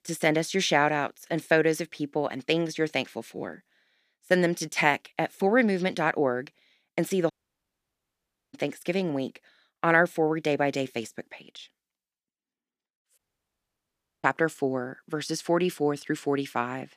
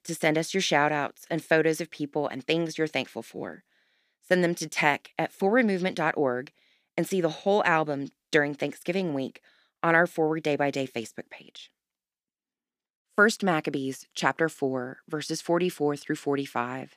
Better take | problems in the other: second | audio cutting out; at 7.5 s for 1 s and at 13 s for 1 s

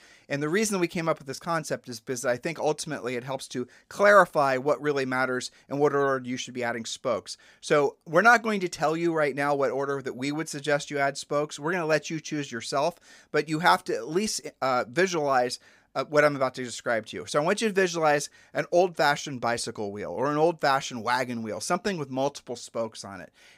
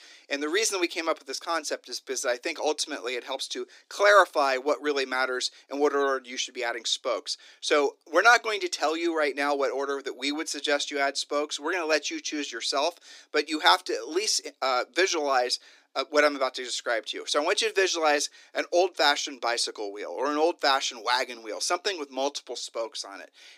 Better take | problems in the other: first | thin; very slightly; fading below 300 Hz

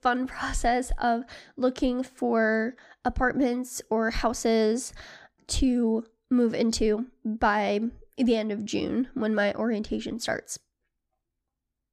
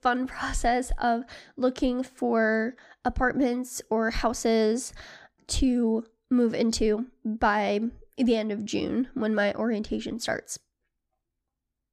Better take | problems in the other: neither | none

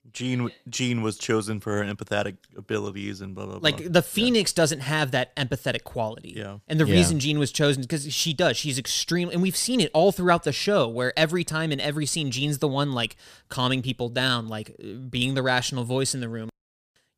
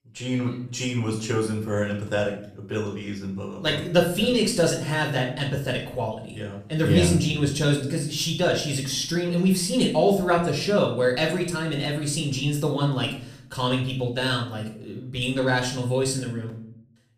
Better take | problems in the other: first | off-mic speech; far // room echo; slight; dies away in 0.6 s

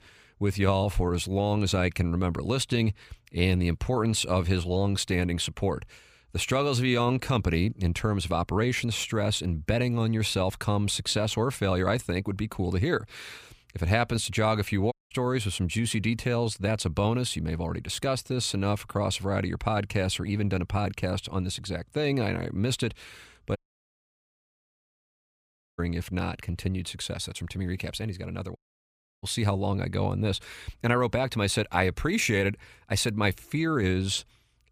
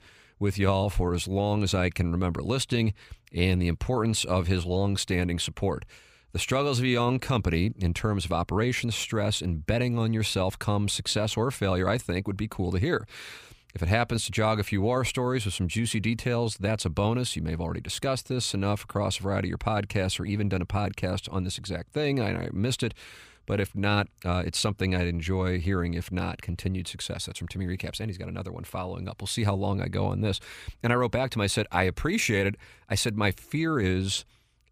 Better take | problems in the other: second | audio cutting out; at 15 s, at 24 s for 2 s and at 29 s for 0.5 s

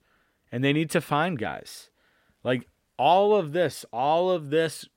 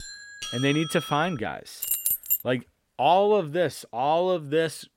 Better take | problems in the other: first | doorbell; noticeable; until 1.5 s; peak 8 dB below the speech // jangling keys; loud; at 2 s; peak 2 dB above the speech

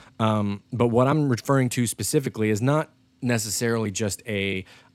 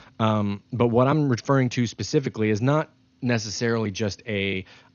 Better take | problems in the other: first | garbled, watery; slightly; nothing above 6.5 kHz

